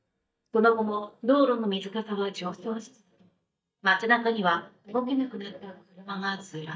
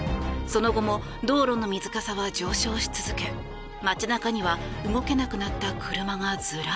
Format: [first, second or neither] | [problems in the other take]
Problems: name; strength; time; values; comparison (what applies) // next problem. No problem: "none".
second | noise reduction (neural mask model DeepFilterNet 3)